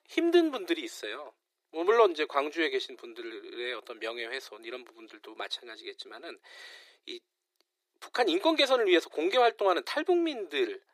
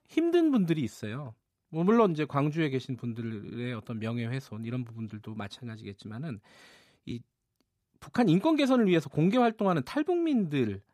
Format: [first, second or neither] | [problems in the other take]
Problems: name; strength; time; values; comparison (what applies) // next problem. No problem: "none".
second | thin; very; fading below 350 Hz